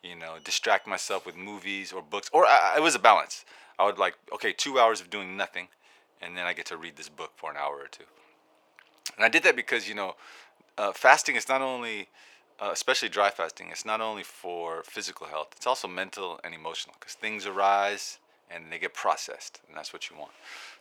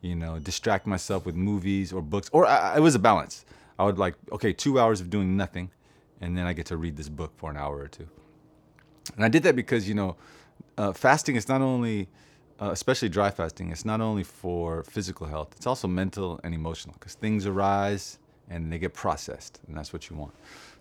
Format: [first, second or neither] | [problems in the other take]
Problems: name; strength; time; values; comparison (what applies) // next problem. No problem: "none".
second | thin; very; fading below 700 Hz